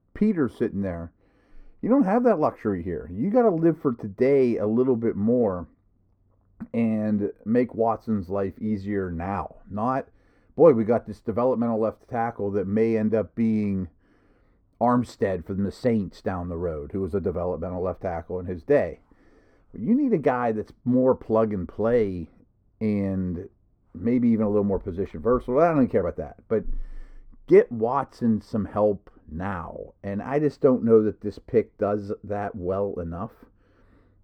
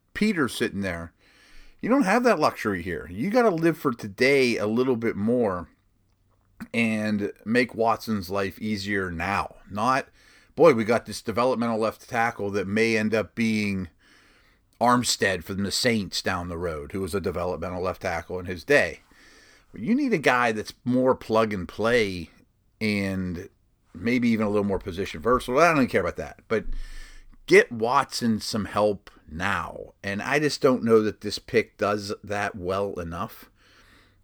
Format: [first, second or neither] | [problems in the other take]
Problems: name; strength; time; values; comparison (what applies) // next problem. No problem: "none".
second | muffled; very; fading above 1.5 kHz